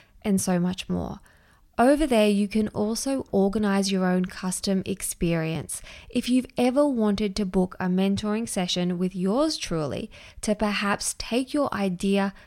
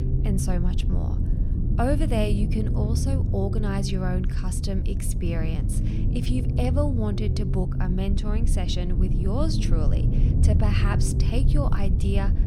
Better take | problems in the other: first | low rumble; loud; throughout; 5 dB below the speech

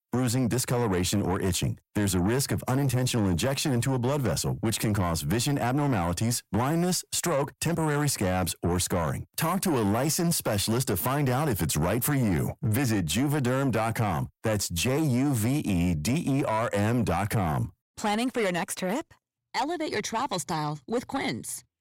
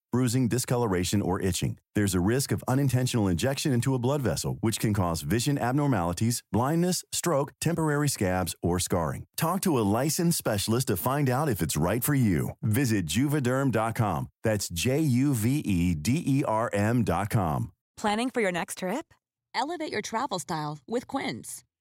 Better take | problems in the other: second | distortion; slight; 10 dB below the speech

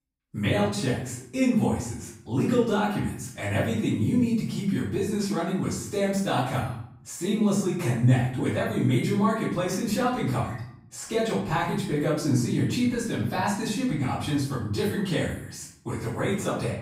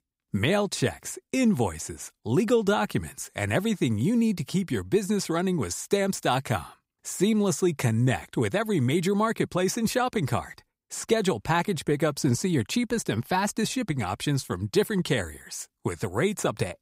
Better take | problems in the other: second | off-mic speech; far // room echo; noticeable; dies away in 0.6 s

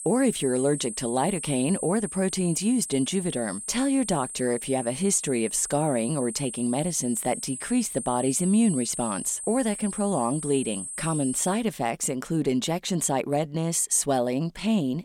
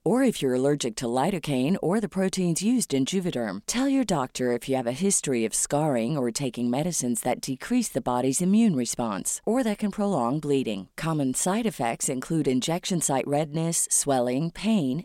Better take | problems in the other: second | high-pitched whine; loud; until 12 s; 8.5 kHz, 8 dB below the speech

